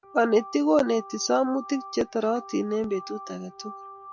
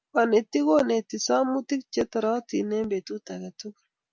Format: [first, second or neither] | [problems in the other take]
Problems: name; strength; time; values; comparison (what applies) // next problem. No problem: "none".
second | background sound (Organ); 17 dB below the speech